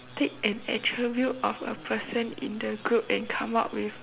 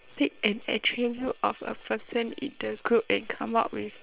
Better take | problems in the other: first | noise reduction (neural separator model SepFormer WHAM!)

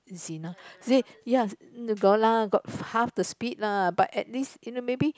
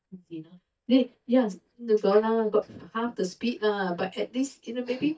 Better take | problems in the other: first | noise reduction (neural mask model DeepFilterNet 3)

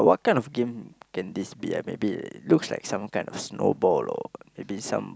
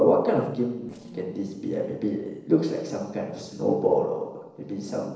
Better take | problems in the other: first | noise reduction (neural separator model SepFormer DNS4)

